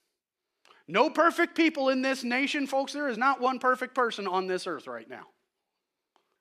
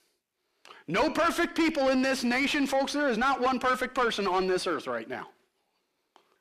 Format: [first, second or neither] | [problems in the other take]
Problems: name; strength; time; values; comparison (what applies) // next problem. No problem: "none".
first | distortion; heavy; 6 dB below the speech